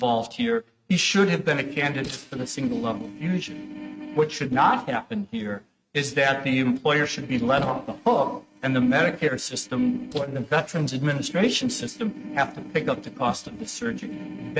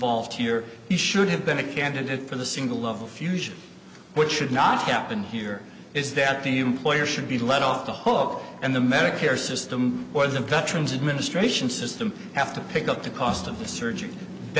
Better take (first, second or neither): second